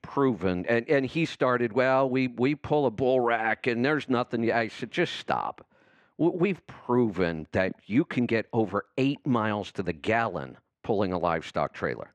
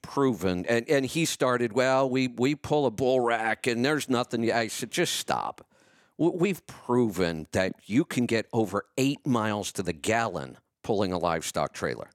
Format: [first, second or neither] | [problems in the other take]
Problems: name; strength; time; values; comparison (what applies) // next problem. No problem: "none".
second | muffled; slightly; fading above 2.5 kHz